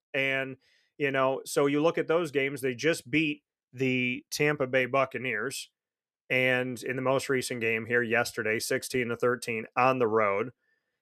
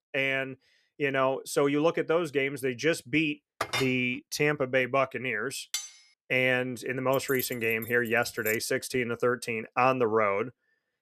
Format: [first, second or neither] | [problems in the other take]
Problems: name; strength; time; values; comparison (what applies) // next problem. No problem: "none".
first | clattering dishes; noticeable; at 3.5 s and at 5.5 s; peak 3 dB below the speech // jangling keys; noticeable; from 7 to 8.5 s; peak 9 dB below the speech